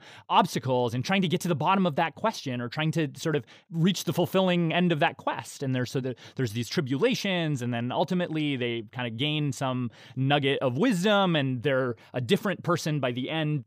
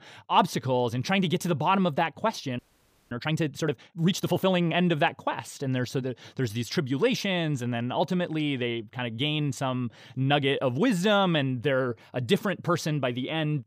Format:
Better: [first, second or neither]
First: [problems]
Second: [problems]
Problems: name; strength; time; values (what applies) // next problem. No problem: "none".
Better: first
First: none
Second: audio freezing; at 2.5 s for 0.5 s